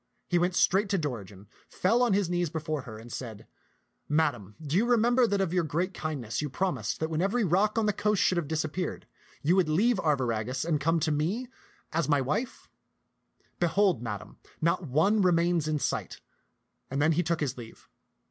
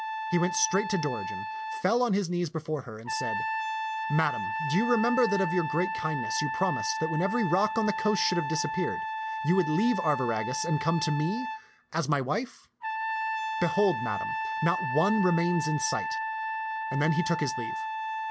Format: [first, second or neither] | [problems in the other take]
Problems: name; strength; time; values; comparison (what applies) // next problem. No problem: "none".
first | background sound (Trumpet); 4 dB below the speech